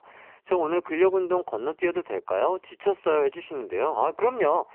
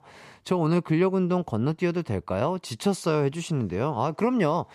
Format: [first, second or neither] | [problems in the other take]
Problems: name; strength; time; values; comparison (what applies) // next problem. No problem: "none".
second | phone-call audio; poor line; nothing above 3 kHz